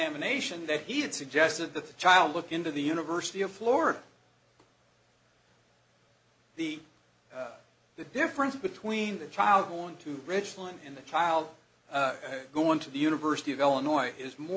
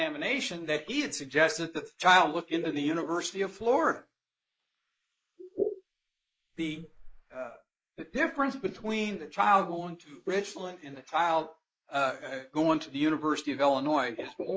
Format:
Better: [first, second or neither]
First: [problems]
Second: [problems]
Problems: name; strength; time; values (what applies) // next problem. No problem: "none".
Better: first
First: none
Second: noise reduction (neural mask model Resemble Enhance denoiser)